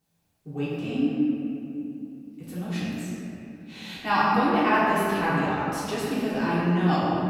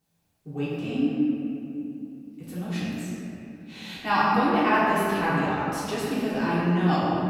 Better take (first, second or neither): neither